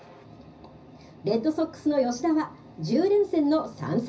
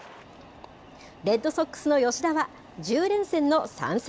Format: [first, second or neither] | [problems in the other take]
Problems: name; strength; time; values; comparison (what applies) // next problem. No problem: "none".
second | room echo; dies away in 0.4 s